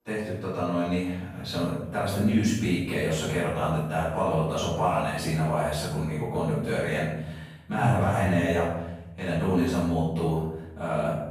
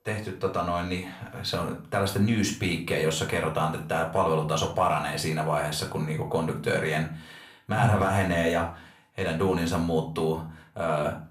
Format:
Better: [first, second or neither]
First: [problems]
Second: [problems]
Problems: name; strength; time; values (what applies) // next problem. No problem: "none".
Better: second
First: room echo; strong; dies away in 0.9 s // off-mic speech; far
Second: room echo; slight; dies away in 0.3 s // off-mic speech; far